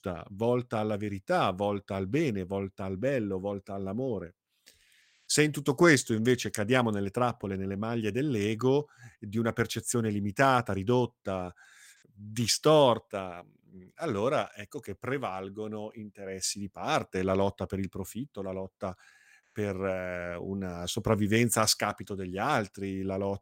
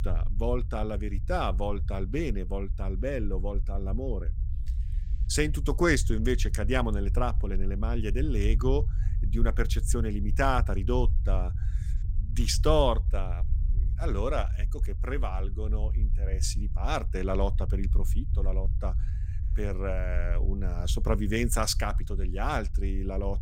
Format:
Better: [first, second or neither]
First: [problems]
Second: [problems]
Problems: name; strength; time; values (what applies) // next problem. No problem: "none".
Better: first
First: none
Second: low rumble; noticeable; throughout; 20 dB below the speech